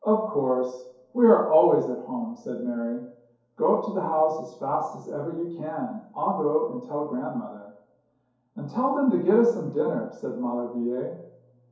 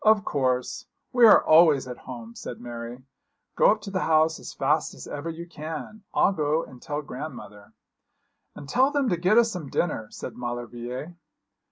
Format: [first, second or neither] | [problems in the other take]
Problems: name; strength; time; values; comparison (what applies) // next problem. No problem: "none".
second | room echo; dies away in 2.4 s